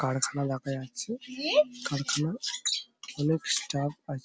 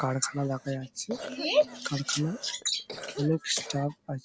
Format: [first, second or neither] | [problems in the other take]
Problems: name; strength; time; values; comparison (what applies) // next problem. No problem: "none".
first | background sound (Cough); 14 dB below the speech